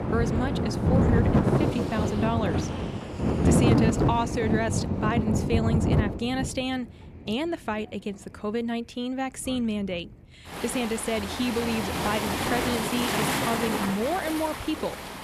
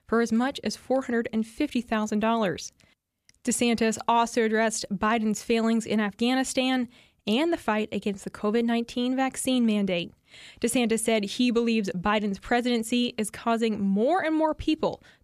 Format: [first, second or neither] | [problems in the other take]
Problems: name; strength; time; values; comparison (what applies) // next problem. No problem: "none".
second | rain or running water; very loud; throughout; 3 dB above the speech